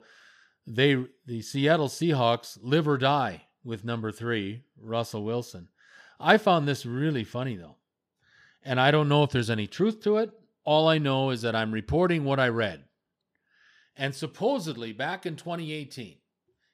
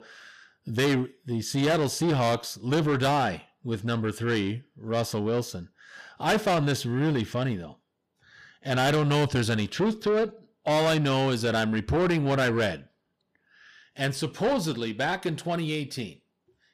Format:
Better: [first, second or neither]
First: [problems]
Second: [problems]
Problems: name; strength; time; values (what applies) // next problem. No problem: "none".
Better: first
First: none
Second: distortion; heavy; 6 dB below the speech